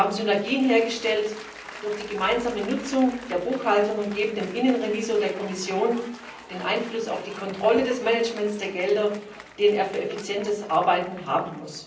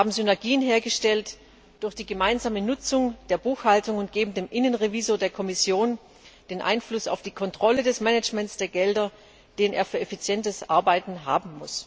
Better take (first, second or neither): second